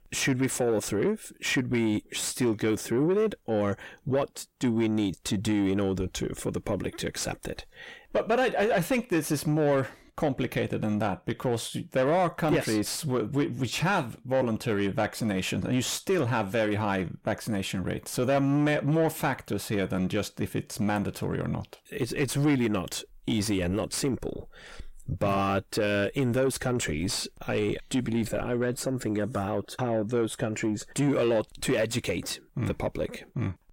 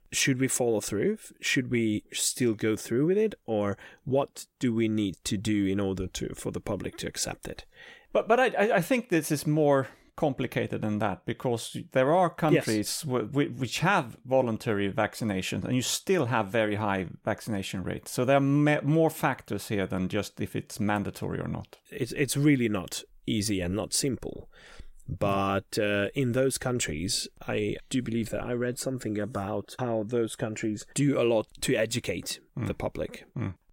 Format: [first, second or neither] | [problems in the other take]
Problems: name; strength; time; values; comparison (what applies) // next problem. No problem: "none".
second | distortion; slight; 10 dB below the speech